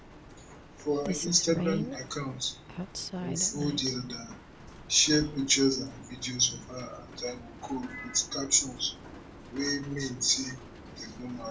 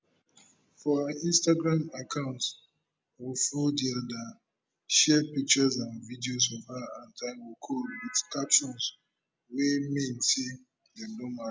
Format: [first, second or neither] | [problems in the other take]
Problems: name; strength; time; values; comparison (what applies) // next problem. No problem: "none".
second | background sound (Rain); 10 dB below the speech // room echo; dies away in 0.2 s